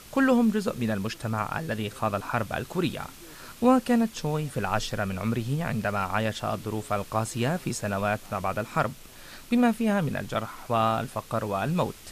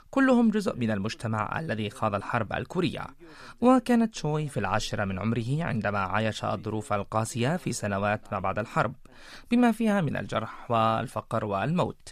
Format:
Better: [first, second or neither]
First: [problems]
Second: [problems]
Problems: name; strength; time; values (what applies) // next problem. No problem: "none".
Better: second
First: hiss; noticeable; throughout; 20 dB below the speech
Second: none